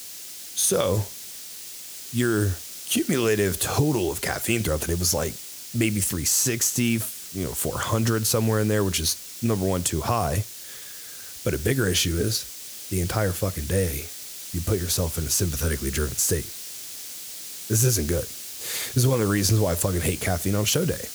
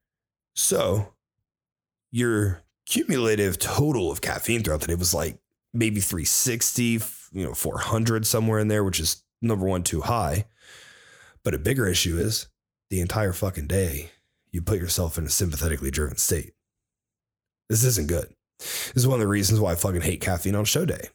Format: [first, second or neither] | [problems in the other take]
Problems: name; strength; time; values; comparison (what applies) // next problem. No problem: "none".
second | hiss; noticeable; throughout; 10 dB below the speech